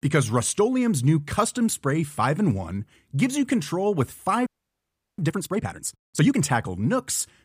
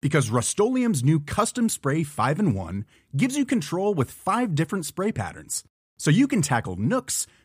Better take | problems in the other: second | audio freezing; at 4.5 s for 0.5 s

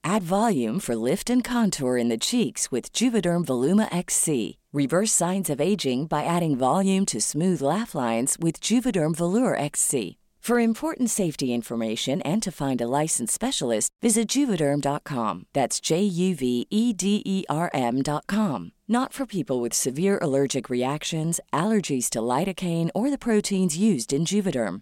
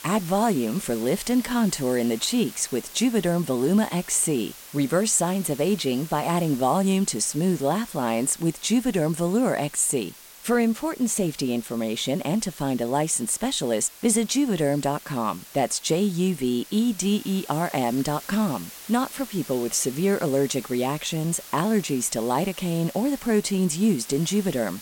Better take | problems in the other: first | hiss; noticeable; throughout; 15 dB below the speech

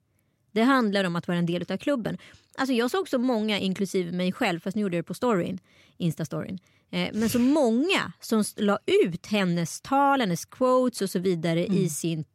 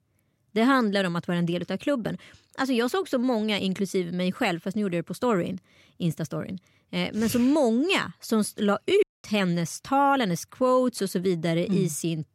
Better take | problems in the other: first | audio cutting out; at 9 s

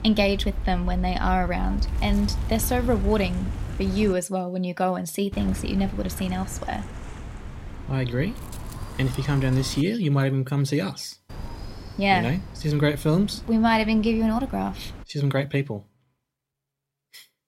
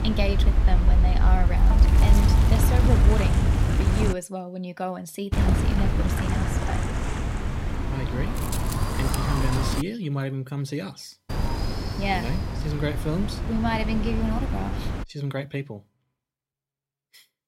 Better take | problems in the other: first | wind noise on the microphone; heavy; until 4 s, from 5.5 to 10 s and from 11 to 15 s; as loud as the speech; occasional gusts in the first

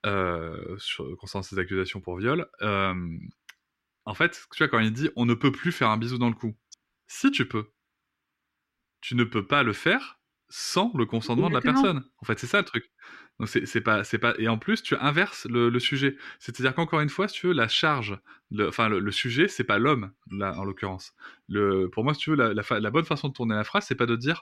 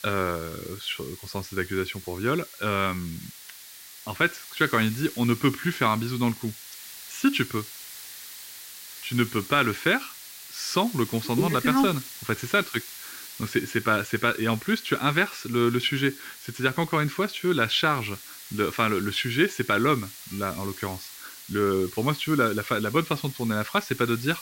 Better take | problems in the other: first | hiss; noticeable; throughout; 15 dB below the speech

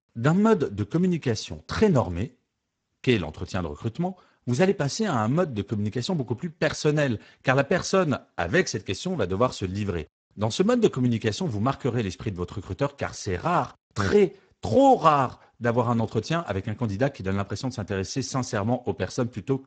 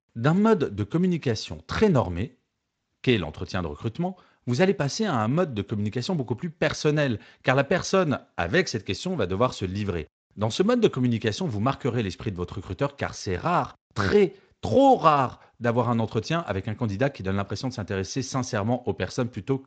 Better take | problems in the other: second | garbled, watery; badly; nothing above 7.5 kHz; slightly in the second

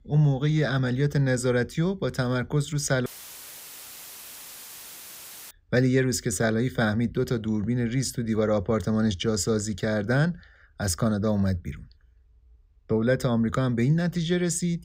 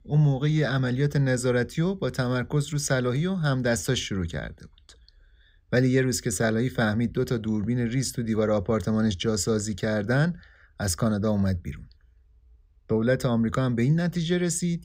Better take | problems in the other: second | audio cutting out; filled with static; at 3 s for 2.5 s

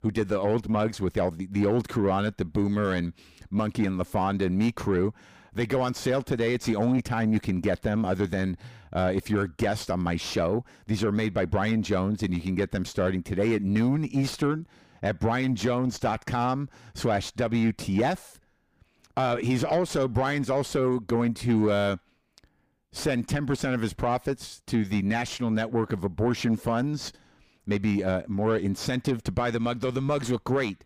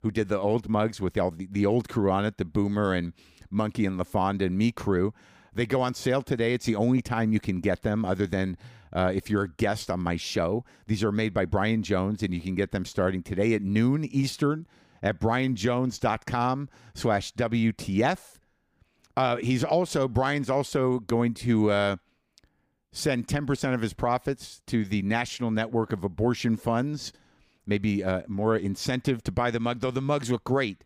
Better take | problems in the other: second | distortion; slight; 10 dB below the speech

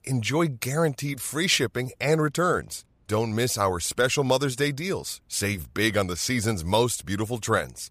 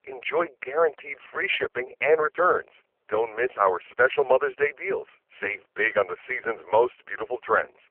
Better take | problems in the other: first | phone-call audio; poor line; nothing above 3 kHz

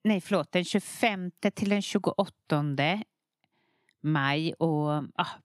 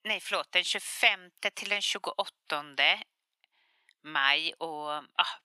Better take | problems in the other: first | thin; very; fading below 950 Hz

